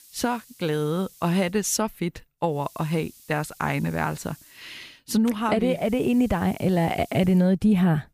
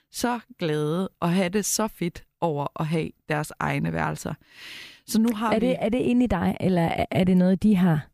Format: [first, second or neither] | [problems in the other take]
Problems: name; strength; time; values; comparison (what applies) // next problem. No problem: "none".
second | hiss; faint; until 1.5 s, from 2.5 to 4.5 s and from 5.5 to 7.5 s; 25 dB below the speech